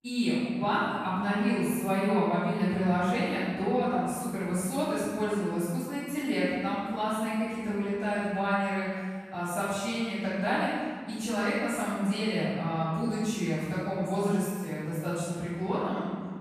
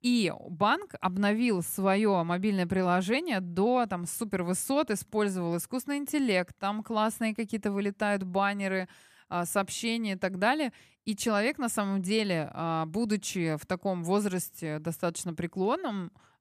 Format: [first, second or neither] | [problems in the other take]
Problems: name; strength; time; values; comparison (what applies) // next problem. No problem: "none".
second | room echo; strong; dies away in 1.8 s // off-mic speech; far